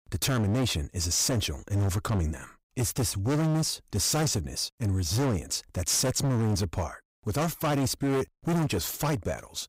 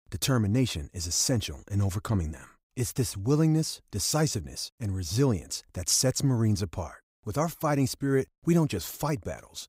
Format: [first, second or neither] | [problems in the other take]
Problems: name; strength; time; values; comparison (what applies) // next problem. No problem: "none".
second | distortion; heavy; 22% of the sound clipped